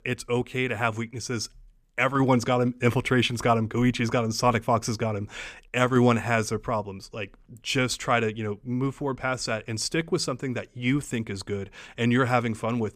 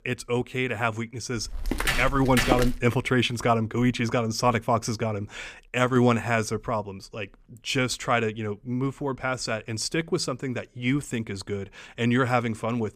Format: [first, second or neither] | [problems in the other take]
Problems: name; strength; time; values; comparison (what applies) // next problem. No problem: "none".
first | footsteps; loud; from 1.5 to 3 s; peak 1 dB above the speech